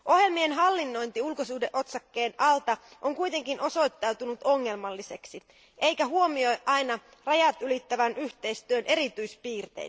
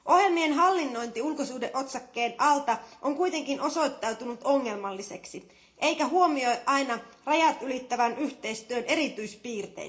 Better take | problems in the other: first | room echo; dies away in 0.4 s

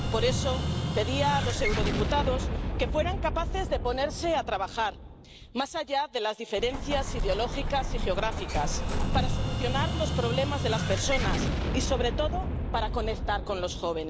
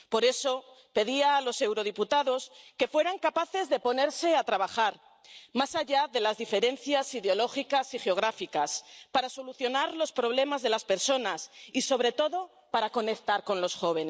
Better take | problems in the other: second | background sound (Explosion); 1 dB above the speech

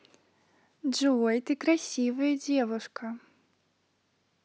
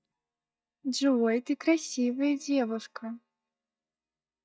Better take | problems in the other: first | noise reduction (neural mask model DeepFilterNet 3)

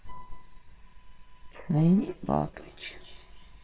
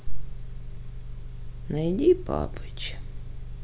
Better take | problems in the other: second | noise reduction (neural separator model SepFormer WHAMR!)

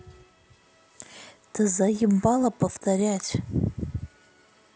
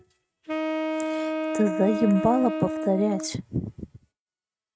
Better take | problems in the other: first | noise reduction (neural mask model RNNoise)

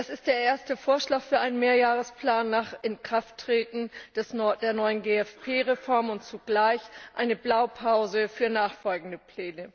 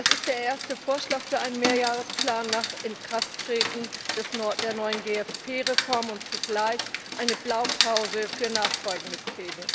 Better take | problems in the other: first | background sound (Rain); 1 dB below the speech

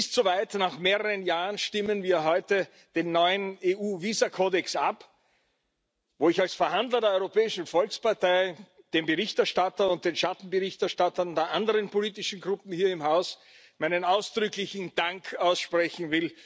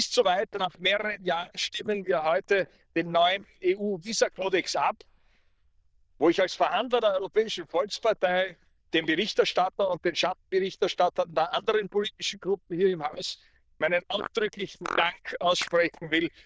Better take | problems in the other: first | noise reduction (neural diffusion model UNIVERSE++)

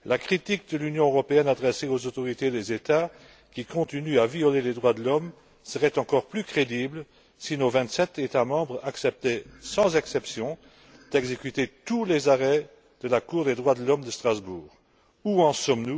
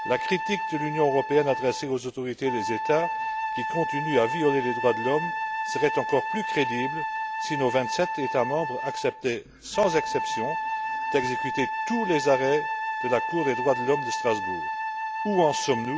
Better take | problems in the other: first | background sound (Wind instrument, woodwind instrument); 3 dB below the speech

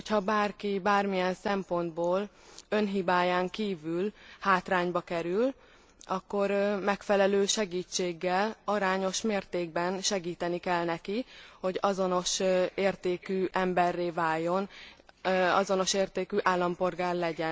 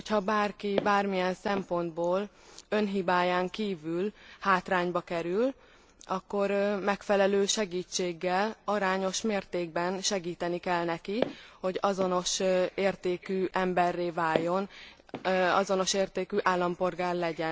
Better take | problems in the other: first | background sound (Walk, footsteps); 12 dB below the speech

